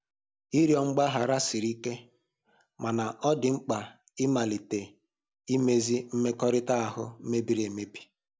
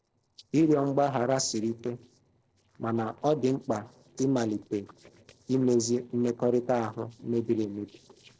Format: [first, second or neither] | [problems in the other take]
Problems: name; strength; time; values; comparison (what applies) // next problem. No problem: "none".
first | noise reduction (neural separator model SepFormer DNS4)